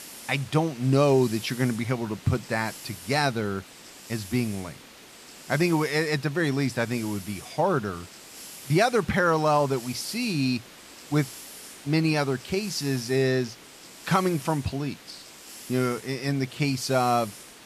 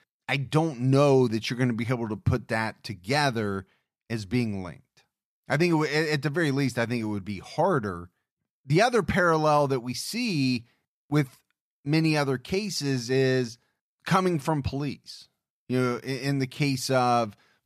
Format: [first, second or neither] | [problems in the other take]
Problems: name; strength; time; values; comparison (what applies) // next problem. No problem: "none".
second | hiss; noticeable; throughout; 15 dB below the speech